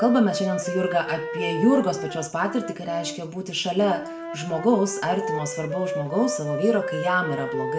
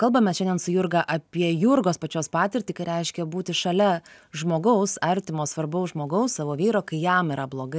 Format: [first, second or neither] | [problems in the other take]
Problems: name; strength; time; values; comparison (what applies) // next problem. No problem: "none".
second | background sound (Wind instrument, woodwind instrument); 6 dB below the speech // room echo; dies away in 0.4 s